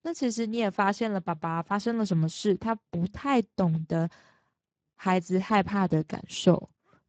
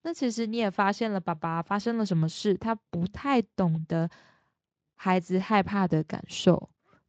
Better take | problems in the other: second | garbled, watery; badly; nothing above 7.5 kHz; slightly in the second

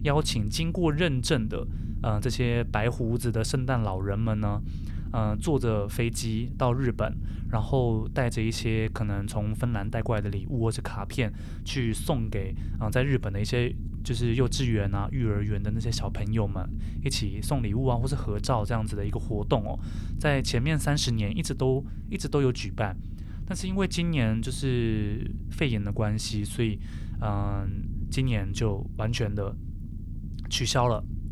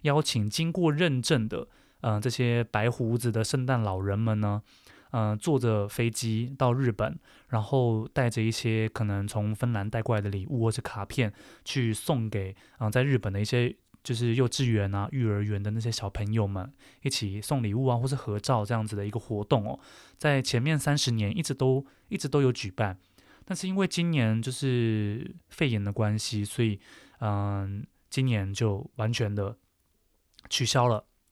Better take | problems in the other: second | low rumble; noticeable; throughout; 15 dB below the speech

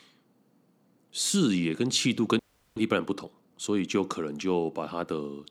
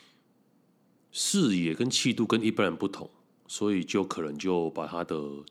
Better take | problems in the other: second | audio freezing; at 2.5 s

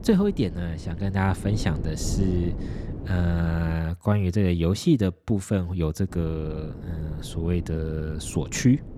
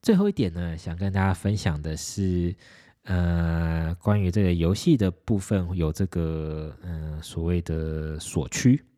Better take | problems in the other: second | wind noise on the microphone; occasional gusts; until 3.5 s and from 6 s on; 10 dB below the speech

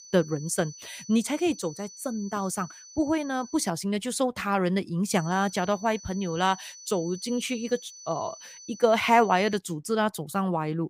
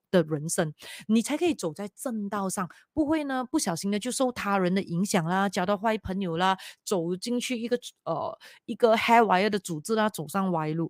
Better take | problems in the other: second | high-pitched whine; noticeable; until 3.5 s and from 5 to 9.5 s; 6 kHz, 15 dB below the speech

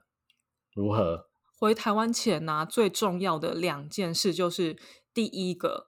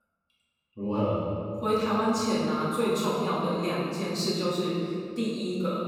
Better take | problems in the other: first | room echo; strong; dies away in 2.5 s // off-mic speech; far

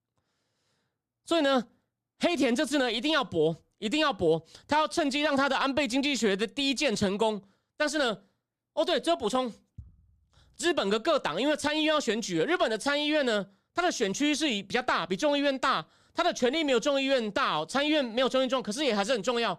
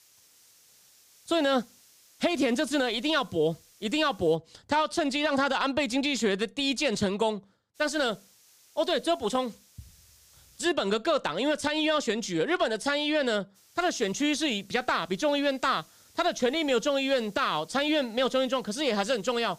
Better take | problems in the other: first | hiss; faint; until 4.5 s, from 8 to 11 s and from 14 s on; 30 dB below the speech

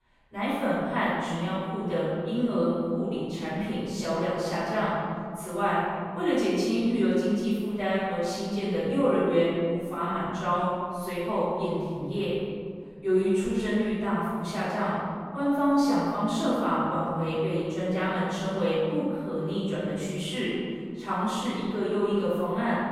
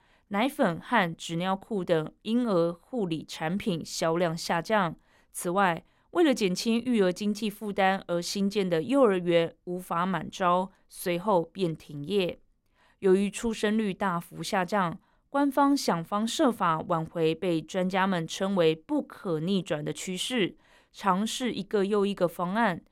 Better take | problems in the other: second | room echo; strong; dies away in 2.1 s // off-mic speech; far

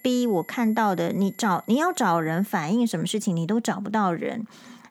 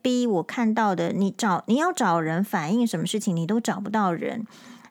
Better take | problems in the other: second | high-pitched whine; faint; until 2.5 s; 2 kHz, 25 dB below the speech

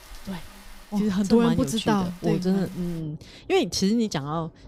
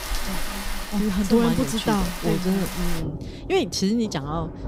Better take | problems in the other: first | rain or running water; loud; throughout; 9 dB below the speech; faint in the first

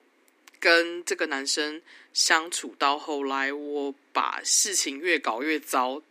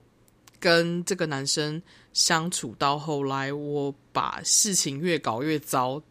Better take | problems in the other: second | thin; somewhat; fading below 250 Hz

